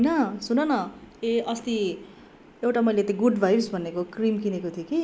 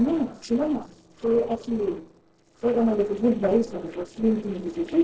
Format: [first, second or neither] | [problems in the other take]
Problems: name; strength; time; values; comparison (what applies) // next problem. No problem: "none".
first | noise reduction (neural separator model SepFormer DNS4)